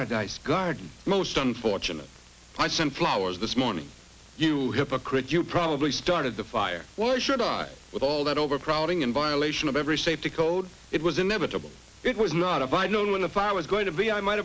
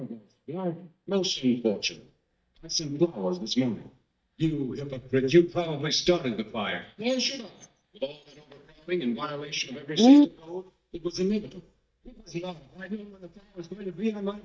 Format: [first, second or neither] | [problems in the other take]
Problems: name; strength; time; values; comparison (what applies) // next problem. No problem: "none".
first | noise reduction (neural mask model DeepFilterNet 3)